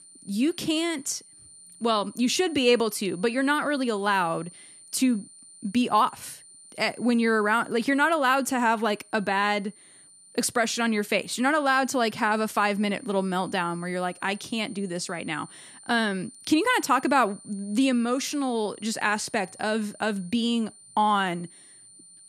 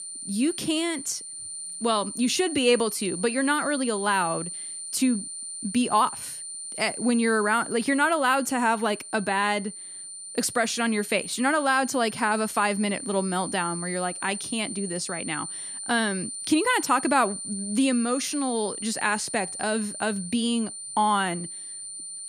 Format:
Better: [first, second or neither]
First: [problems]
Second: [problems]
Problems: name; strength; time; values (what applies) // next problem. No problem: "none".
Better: first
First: high-pitched whine; faint; throughout; 9 kHz, 20 dB below the speech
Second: high-pitched whine; loud; throughout; 9 kHz, 8 dB below the speech